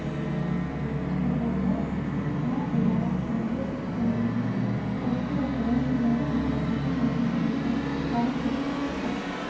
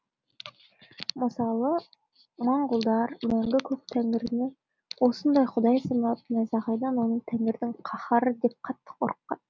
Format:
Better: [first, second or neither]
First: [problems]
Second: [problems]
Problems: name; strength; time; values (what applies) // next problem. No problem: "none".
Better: second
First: background sound (Musical instrument); 3 dB above the speech // room echo; dies away in 0.9 s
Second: none